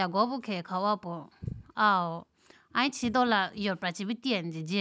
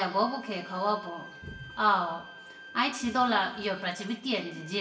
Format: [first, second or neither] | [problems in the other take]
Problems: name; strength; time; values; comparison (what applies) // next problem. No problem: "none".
first | background sound (Bowed string instrument); 17 dB below the speech // room echo; dies away in 0.8 s